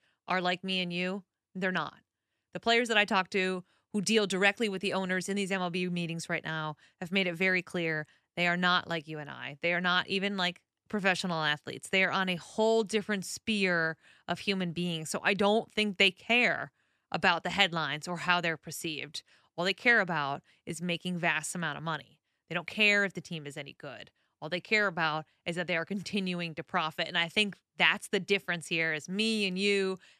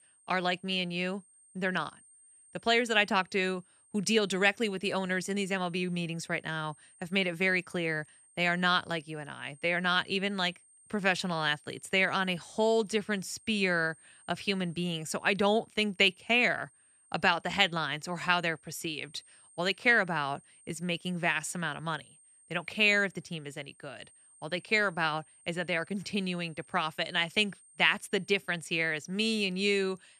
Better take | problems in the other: first | high-pitched whine; faint; throughout; 8.5 kHz, 30 dB below the speech

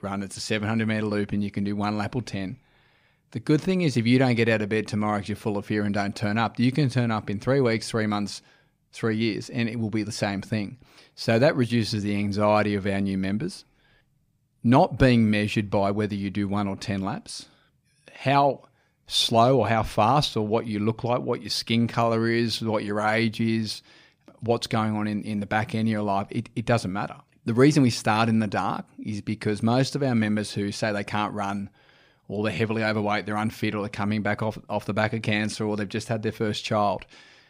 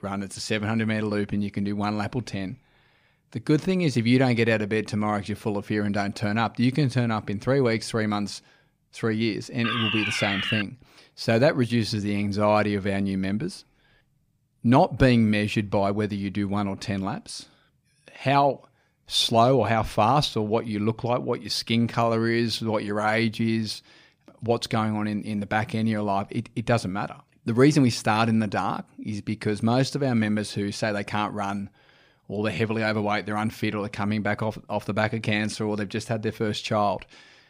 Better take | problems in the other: first | alarm; loud; at 9.5 s; peak level with the speech

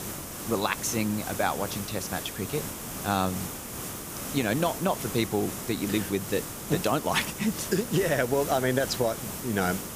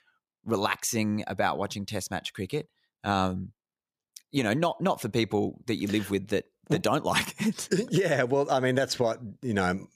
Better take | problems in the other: second | hiss; loud; throughout; 6 dB below the speech

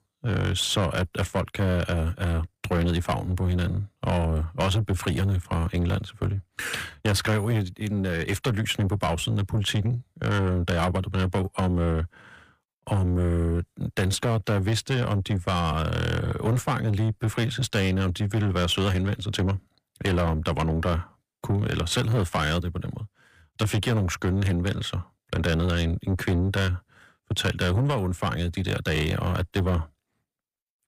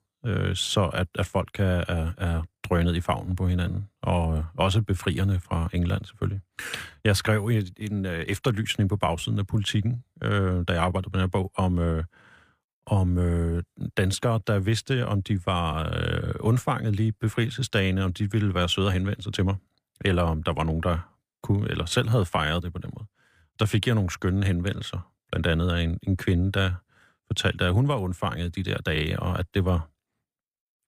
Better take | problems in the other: second | distortion; slight; 10 dB below the speech

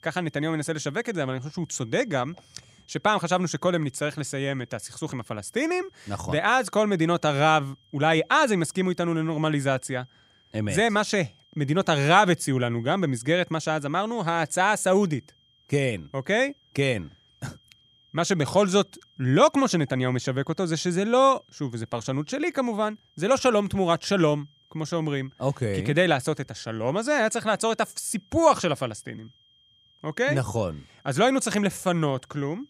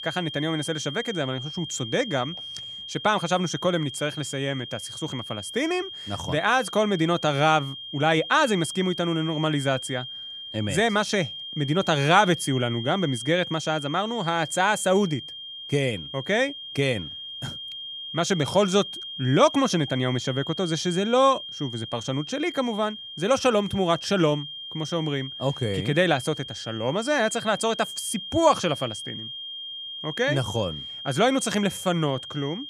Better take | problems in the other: first | high-pitched whine; loud; throughout; 3 kHz, 10 dB below the speech; faint in the first

